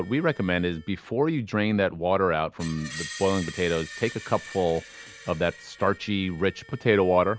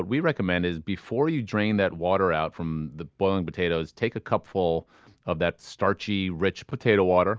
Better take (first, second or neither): second